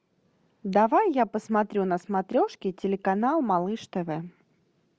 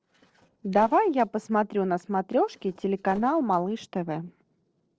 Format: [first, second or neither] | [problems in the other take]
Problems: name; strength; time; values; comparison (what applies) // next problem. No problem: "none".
first | noise reduction (neural separator model SepFormer DNS4)